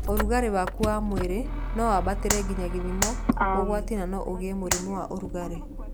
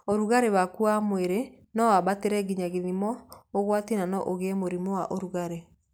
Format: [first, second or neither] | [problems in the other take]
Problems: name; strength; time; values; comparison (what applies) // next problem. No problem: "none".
second | background sound (Clapping + Motor vehicle (road)); as loud as the speech